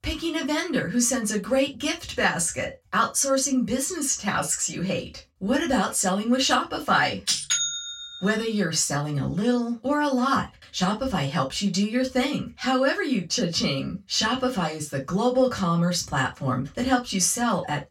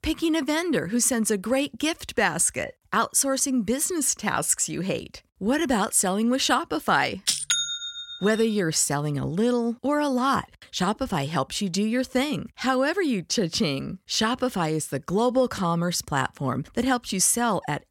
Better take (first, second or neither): second